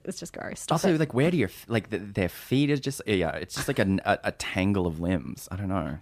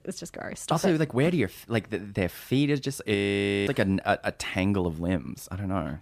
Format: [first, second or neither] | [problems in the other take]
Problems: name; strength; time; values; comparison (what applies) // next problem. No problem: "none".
first | audio freezing; at 3 s for 0.5 s